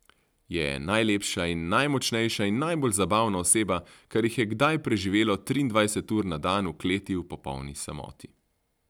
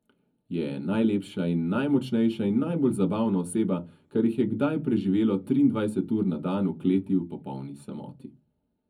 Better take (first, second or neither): first